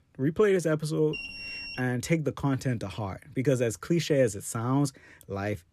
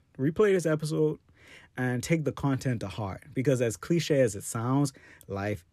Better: second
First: alarm; noticeable; at 1 s; peak 7 dB below the speech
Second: none

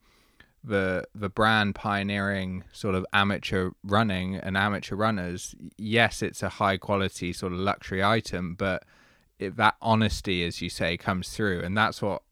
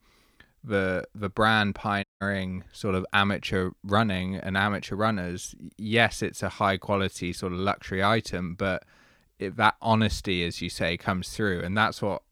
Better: first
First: none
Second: audio cutting out; at 2 s

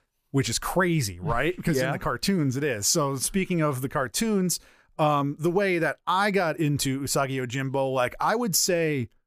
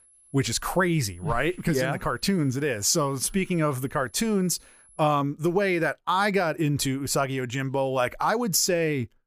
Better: first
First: none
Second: high-pitched whine; faint; until 5 s; 11 kHz, 30 dB below the speech

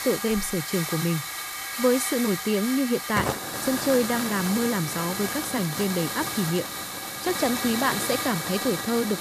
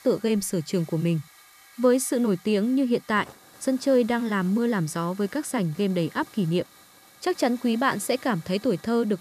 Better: second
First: hiss; loud; throughout; 3 dB below the speech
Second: hiss; faint; throughout; 25 dB below the speech

